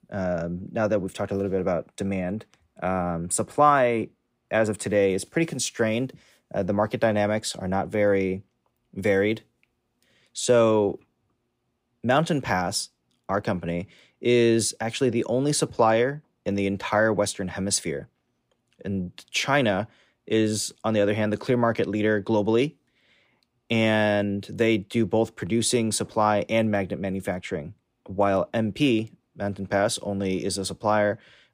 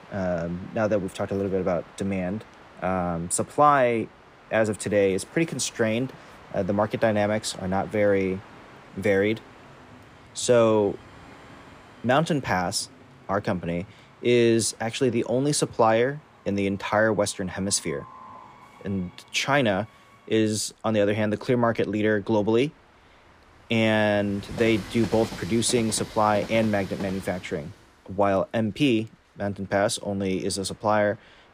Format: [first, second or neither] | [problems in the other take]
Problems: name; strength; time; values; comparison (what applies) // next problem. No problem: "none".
first | train or aircraft noise; faint; throughout; 20 dB below the speech